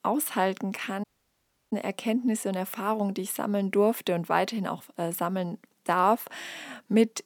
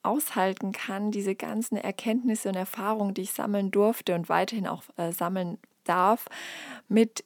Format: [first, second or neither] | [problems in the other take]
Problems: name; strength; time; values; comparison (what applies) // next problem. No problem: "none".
second | audio cutting out; at 1 s for 0.5 s